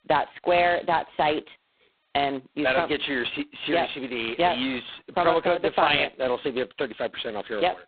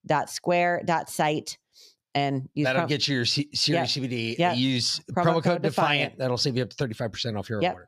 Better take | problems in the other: second | phone-call audio; poor line; nothing above 4 kHz

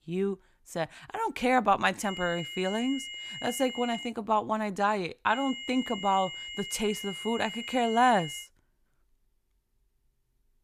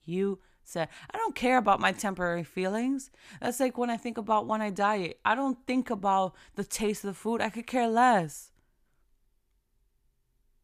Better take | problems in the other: second | high-pitched whine; loud; from 2 to 4 s and from 5.5 to 8.5 s; 3 kHz, 9 dB below the speech

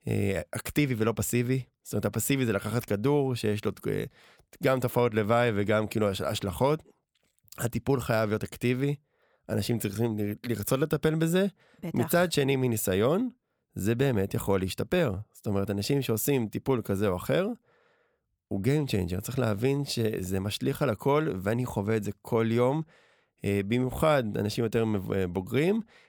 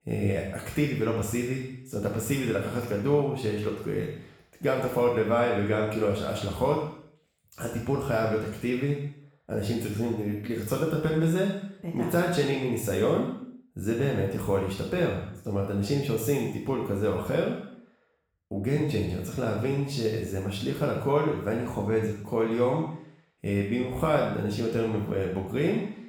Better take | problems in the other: first | room echo; noticeable; dies away in 0.7 s // off-mic speech; far

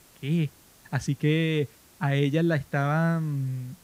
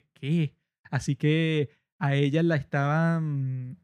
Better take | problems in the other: second | hiss; faint; throughout; 25 dB below the speech

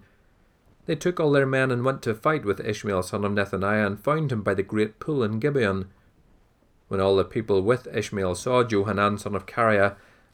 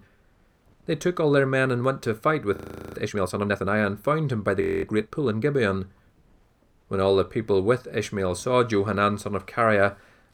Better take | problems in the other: first | audio freezing; at 2.5 s and at 4.5 s

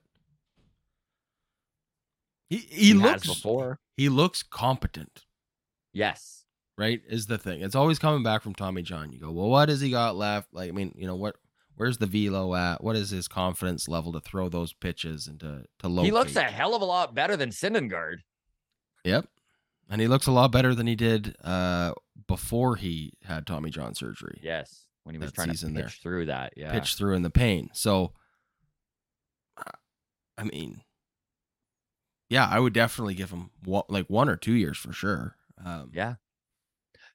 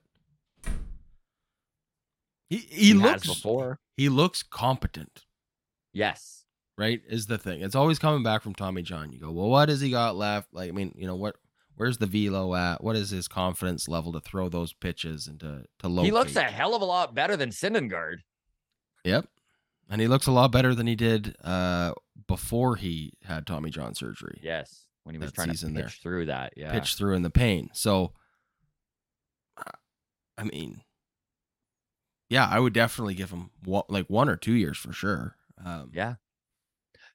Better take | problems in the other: first | door banging; faint; at 0.5 s; peak 10 dB below the speech

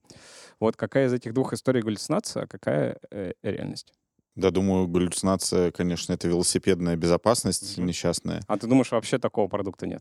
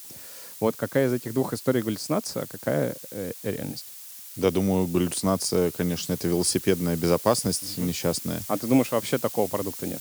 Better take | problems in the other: first | hiss; loud; throughout; 10 dB below the speech

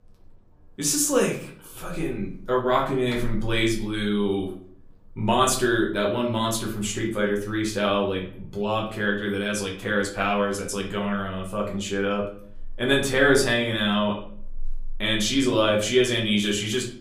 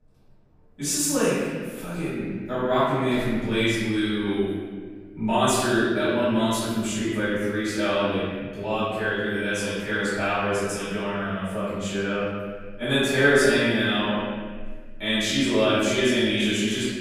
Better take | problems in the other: first | room echo; strong; dies away in 1.6 s; slight in the first // off-mic speech; far; far in the first

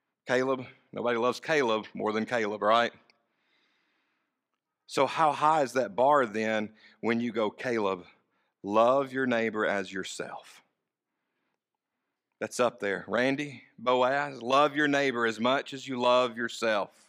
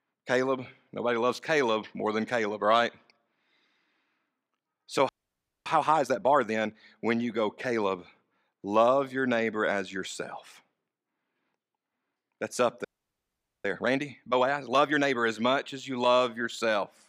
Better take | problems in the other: first | audio freezing; at 5 s for 0.5 s and at 13 s for 1 s

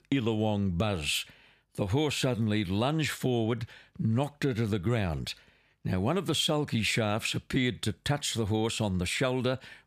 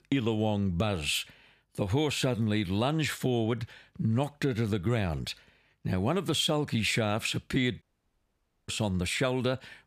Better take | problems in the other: first | audio cutting out; at 8 s for 1 s

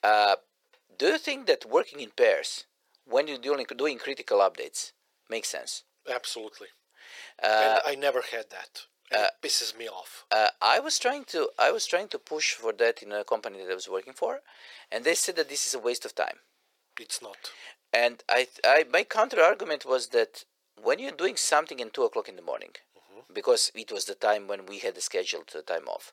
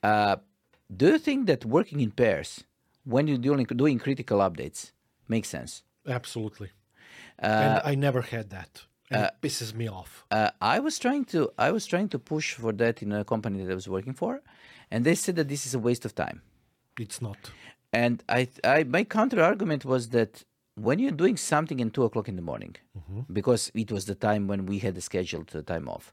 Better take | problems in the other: second | thin; very; fading below 450 Hz

